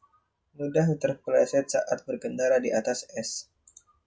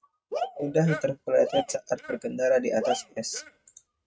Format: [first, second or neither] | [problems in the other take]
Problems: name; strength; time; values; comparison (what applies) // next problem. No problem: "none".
first | noise reduction (neural mask model RNNoise)